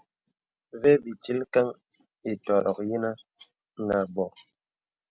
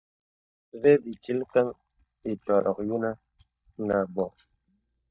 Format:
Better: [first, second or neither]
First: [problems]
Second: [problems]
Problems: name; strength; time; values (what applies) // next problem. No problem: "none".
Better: first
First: none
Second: noise reduction (neural mask model DeepFilterNet 3)